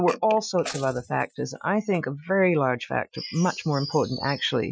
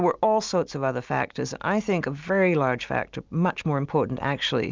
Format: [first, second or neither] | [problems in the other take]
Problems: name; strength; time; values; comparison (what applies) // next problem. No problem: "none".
second | noise reduction (classical method Wiener filter)